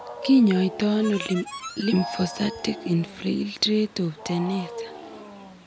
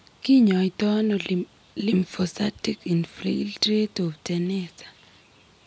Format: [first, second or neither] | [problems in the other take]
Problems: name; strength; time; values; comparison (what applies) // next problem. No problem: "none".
second | background sound (Harmonica + Wild animals); 13 dB below the speech